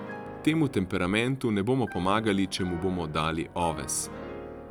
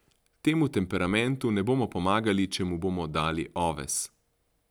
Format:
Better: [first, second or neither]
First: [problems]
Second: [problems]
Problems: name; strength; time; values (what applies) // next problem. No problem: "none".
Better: second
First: background sound (Piano); 14 dB below the speech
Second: none